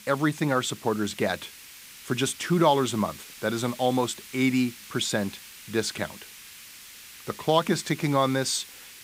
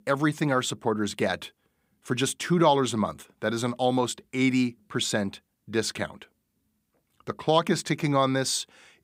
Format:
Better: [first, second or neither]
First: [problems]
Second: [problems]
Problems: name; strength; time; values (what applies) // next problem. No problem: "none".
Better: second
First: hiss; noticeable; throughout; 15 dB below the speech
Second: none